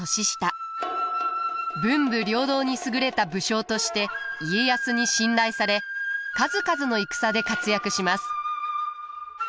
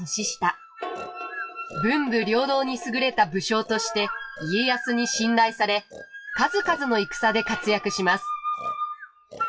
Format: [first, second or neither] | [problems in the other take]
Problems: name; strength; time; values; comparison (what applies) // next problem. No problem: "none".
first | noise reduction (classical method WPE with log-MMSE)